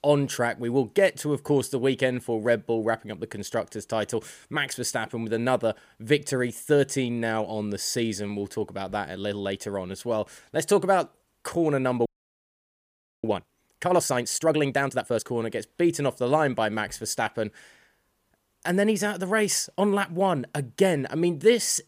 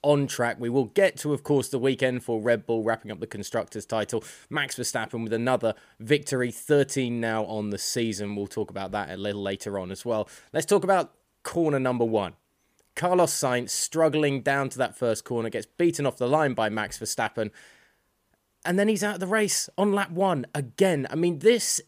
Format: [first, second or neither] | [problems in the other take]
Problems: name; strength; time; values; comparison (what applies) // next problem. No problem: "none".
second | audio freezing; at 12 s for 1 s